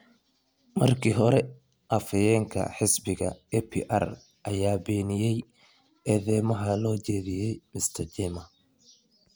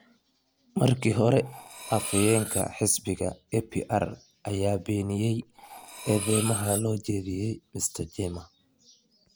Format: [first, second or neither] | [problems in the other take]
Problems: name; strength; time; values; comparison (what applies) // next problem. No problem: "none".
first | background sound (Cutlery, silverware); 7 dB below the speech